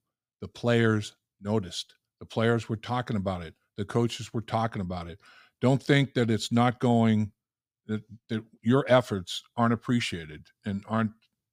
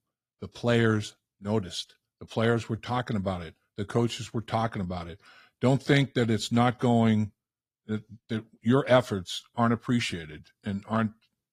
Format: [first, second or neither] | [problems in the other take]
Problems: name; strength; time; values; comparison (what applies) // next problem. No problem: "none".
first | garbled, watery; slightly; nothing above 14.5 kHz